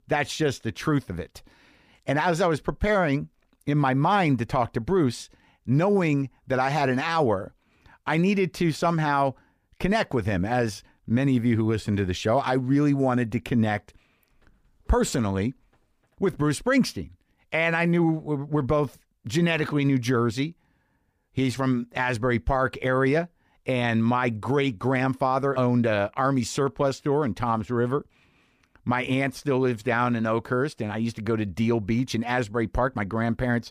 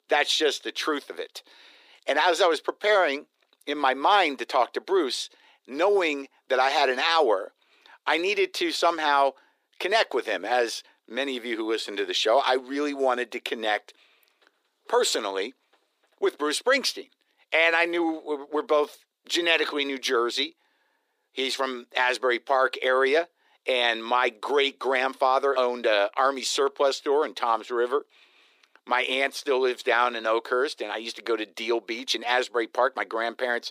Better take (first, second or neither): first